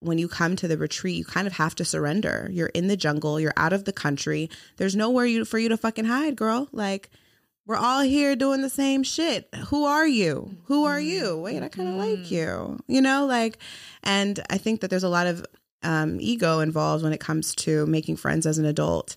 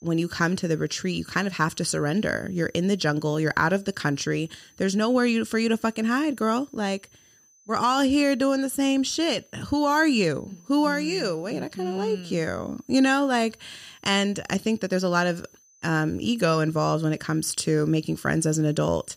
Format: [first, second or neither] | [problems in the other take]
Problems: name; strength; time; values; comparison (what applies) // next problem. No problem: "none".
first | high-pitched whine; faint; throughout; 6 kHz, 30 dB below the speech